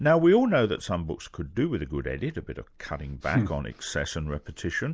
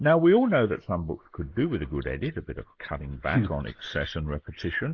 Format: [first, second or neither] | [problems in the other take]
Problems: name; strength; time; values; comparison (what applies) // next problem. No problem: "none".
first | noise reduction (neural mask model Resemble Enhance denoiser)